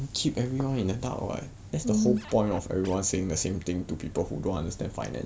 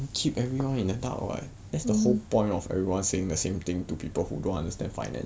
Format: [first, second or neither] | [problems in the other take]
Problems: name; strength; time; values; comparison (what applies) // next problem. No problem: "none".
second | background sound (Scratching (performance technique)); 20 dB below the speech